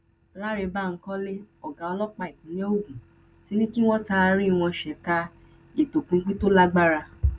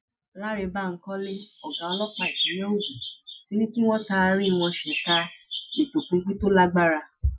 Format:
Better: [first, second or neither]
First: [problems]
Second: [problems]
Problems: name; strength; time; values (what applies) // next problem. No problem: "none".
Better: first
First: none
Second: noise reduction (classical method Wiener filter)